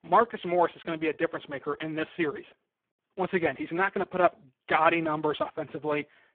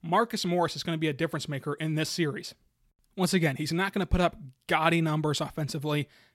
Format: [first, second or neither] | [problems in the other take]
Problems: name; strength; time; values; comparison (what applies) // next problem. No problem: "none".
second | phone-call audio; poor line